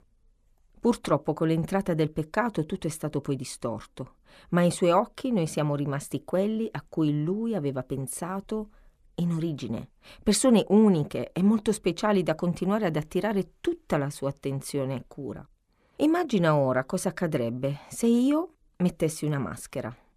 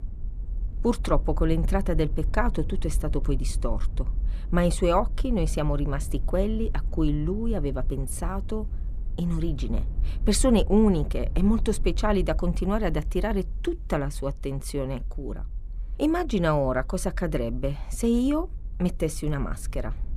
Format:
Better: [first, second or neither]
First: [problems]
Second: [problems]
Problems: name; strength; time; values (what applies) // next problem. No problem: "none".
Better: first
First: none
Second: low rumble; faint; throughout; 25 dB below the speech